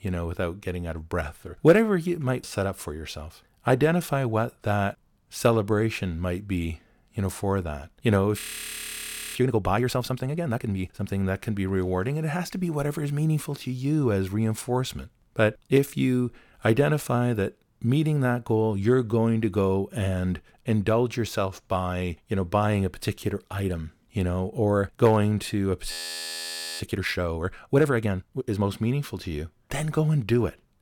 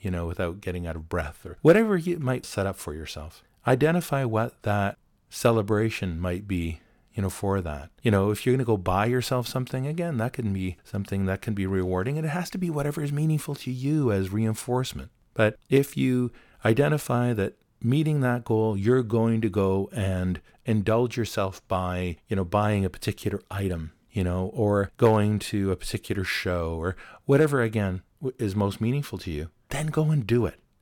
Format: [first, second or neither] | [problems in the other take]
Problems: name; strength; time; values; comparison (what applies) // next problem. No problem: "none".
second | audio freezing; at 8.5 s for 1 s and at 26 s for 1 s